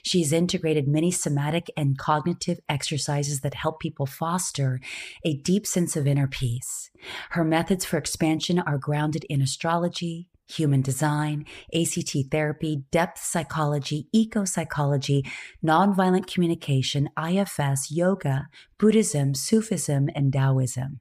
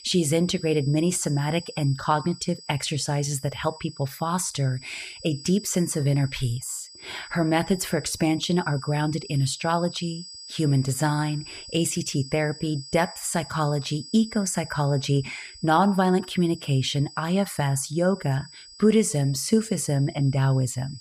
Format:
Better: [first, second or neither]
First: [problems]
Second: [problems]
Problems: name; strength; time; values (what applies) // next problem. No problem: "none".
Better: first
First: none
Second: high-pitched whine; noticeable; throughout; 5 kHz, 15 dB below the speech